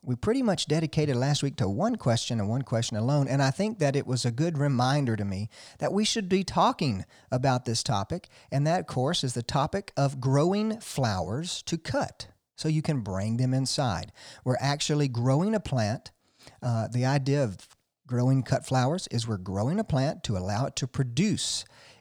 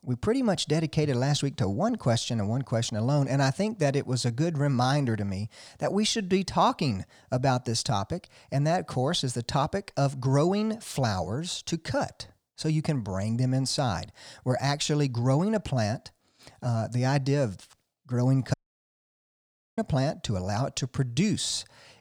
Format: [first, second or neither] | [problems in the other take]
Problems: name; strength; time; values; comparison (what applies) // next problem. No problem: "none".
first | audio cutting out; at 19 s for 1 s